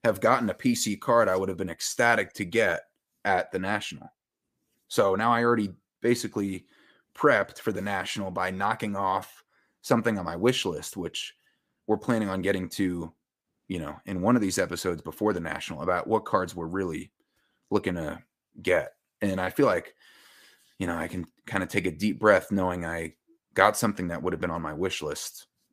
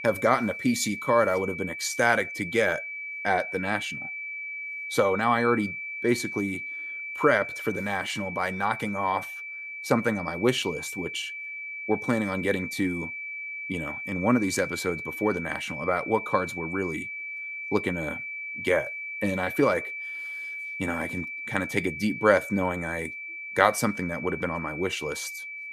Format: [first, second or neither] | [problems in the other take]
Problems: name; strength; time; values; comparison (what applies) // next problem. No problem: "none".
first | high-pitched whine; loud; throughout; 2.5 kHz, 7 dB below the speech